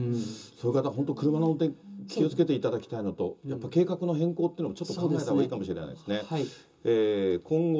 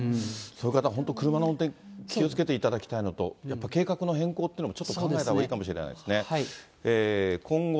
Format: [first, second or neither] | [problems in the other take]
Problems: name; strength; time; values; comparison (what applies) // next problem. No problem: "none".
second | room echo; dies away in 0.2 s